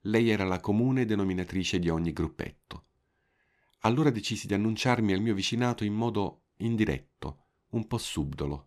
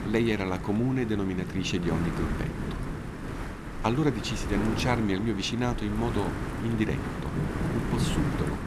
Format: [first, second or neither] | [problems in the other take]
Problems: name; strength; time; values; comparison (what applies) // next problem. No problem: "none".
first | wind noise on the microphone; heavy; 5 dB below the speech